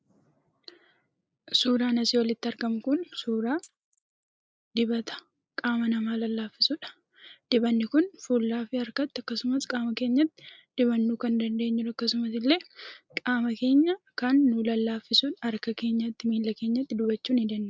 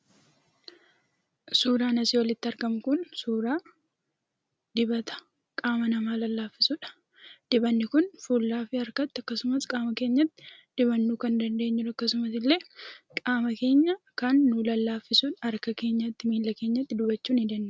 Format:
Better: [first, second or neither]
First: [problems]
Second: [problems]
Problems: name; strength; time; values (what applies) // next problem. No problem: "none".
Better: second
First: noise reduction (neural mask model Resemble Enhance denoiser)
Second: none